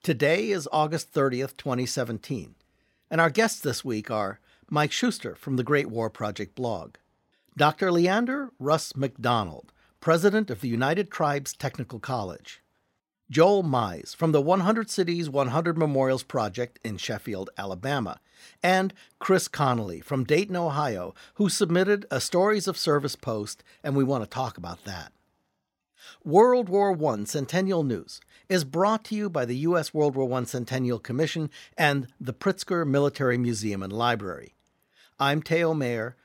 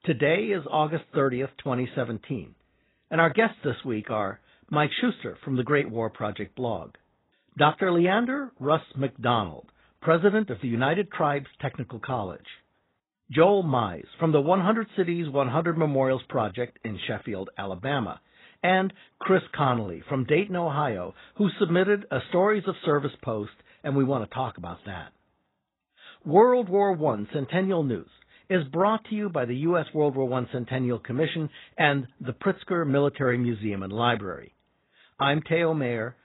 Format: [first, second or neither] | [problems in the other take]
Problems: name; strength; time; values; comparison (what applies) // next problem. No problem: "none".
first | garbled, watery; badly; nothing above 4 kHz